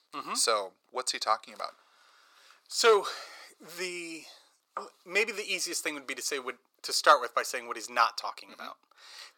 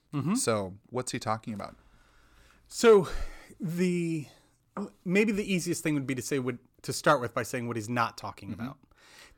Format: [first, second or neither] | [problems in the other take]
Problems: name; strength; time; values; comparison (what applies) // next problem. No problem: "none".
second | thin; very; fading below 500 Hz